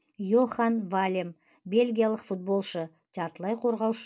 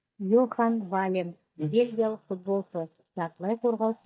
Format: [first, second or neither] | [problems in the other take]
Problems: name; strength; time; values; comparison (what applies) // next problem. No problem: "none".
first | noise reduction (neural mask model DeepFilterNet 3)